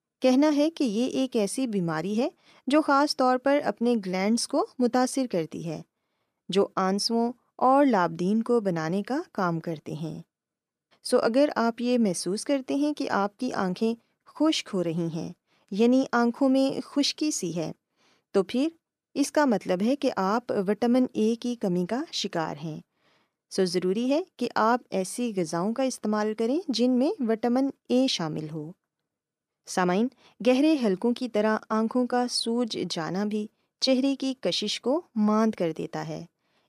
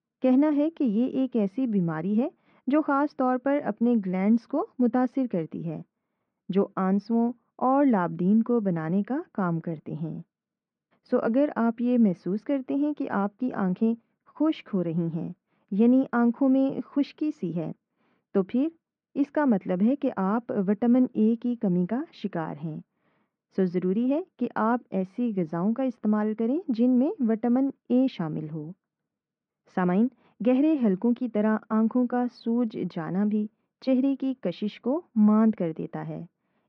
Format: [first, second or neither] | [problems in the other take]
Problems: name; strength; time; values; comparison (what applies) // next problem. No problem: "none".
first | muffled; very; fading above 2 kHz